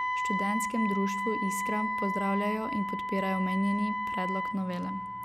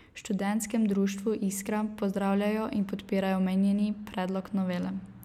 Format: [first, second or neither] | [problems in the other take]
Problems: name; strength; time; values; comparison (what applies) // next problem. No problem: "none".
second | background sound (Wind instrument, woodwind instrument); 1 dB below the speech